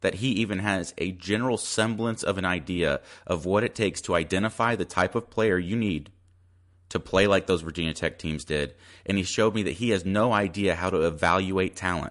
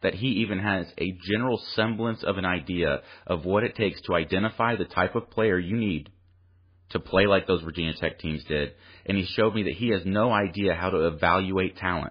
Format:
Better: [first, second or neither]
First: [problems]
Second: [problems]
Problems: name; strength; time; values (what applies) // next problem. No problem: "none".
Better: first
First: garbled, watery; slightly; nothing above 10.5 kHz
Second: garbled, watery; badly